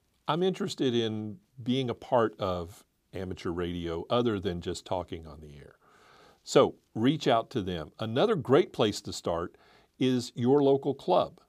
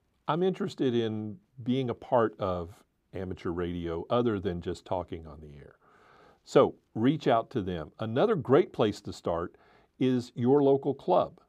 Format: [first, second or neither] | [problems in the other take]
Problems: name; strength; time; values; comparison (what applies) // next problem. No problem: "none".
first | muffled; slightly; fading above 3 kHz